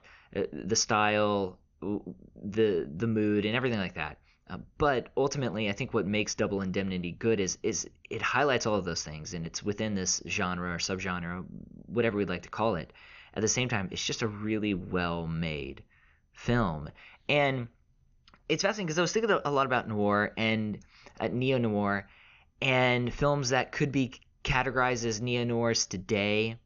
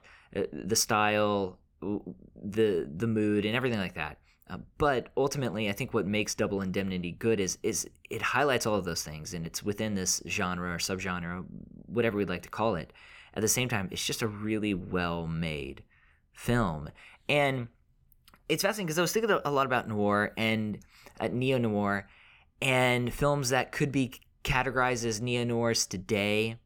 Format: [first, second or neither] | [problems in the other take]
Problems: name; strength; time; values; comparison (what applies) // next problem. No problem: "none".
second | garbled, watery; slightly; nothing above 6.5 kHz